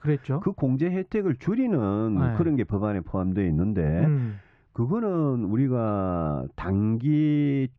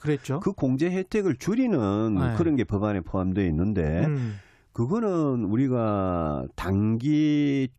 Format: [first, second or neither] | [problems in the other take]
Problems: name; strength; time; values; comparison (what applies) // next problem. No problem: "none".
second | muffled; very; fading above 2.5 kHz